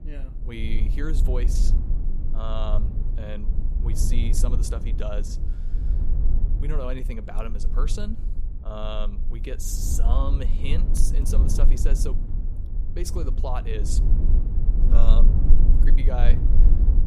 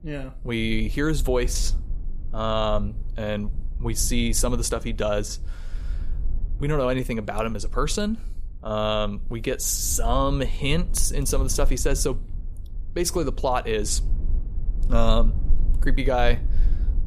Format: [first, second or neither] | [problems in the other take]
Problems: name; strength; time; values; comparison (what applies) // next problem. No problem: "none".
second | low rumble; loud; throughout; 7 dB below the speech; faint in the second